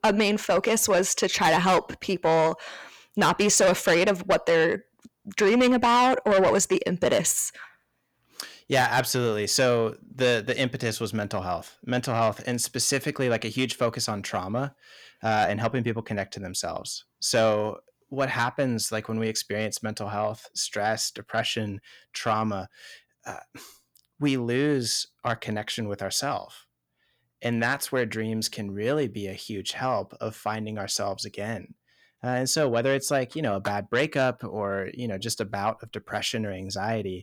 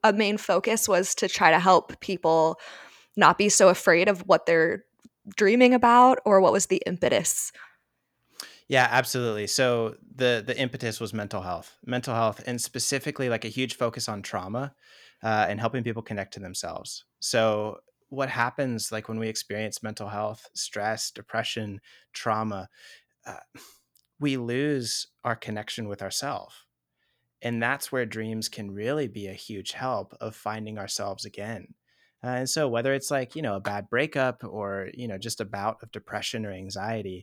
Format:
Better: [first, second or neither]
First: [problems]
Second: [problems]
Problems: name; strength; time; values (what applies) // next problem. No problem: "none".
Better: second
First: distortion; heavy; 8 dB below the speech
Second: none